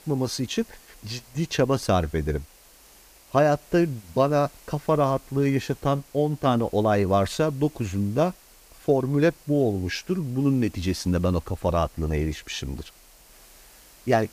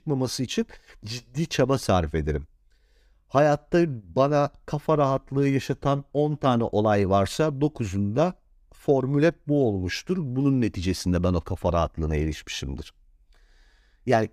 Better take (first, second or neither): second